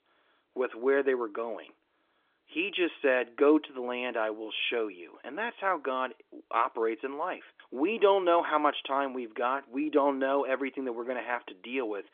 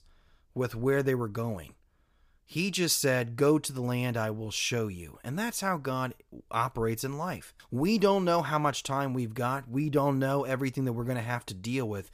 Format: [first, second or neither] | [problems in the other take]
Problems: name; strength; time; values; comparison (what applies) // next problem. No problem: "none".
second | phone-call audio; nothing above 3.5 kHz